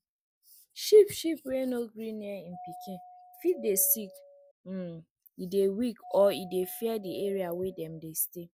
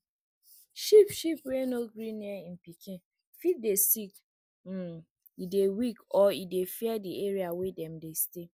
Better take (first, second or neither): second